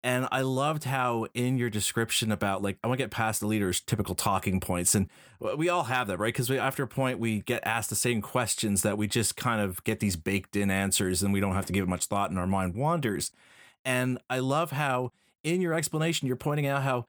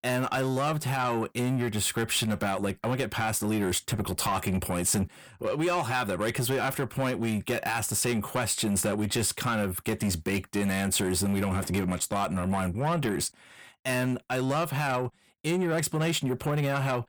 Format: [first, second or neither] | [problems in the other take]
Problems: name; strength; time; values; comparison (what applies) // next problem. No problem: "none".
first | distortion; slight; 10 dB below the speech